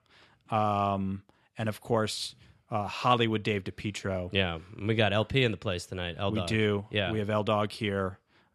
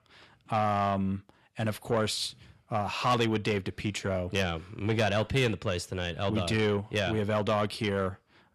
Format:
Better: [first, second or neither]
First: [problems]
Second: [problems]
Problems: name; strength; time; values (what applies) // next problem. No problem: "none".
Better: first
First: none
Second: distortion; slight; 10 dB below the speech